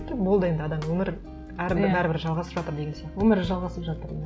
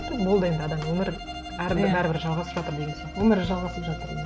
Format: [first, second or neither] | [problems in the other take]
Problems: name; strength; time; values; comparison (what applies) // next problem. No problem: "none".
first | background sound (Bowed string instrument); 13 dB below the speech